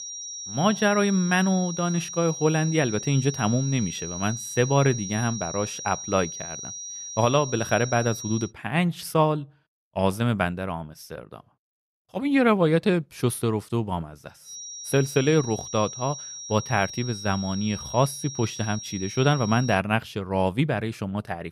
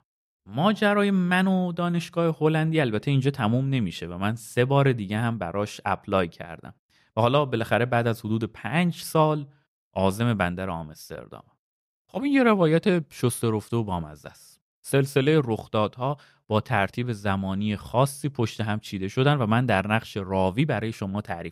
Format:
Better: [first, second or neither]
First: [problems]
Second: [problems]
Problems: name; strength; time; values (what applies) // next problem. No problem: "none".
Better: second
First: high-pitched whine; loud; until 8.5 s and from 14 to 20 s; 5.5 kHz, 9 dB below the speech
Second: none